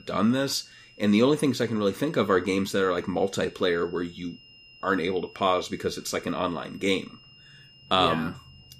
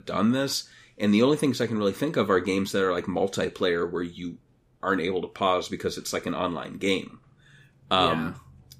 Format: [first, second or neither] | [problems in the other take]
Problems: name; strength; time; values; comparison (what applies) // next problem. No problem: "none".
second | high-pitched whine; faint; throughout; 3 kHz, 25 dB below the speech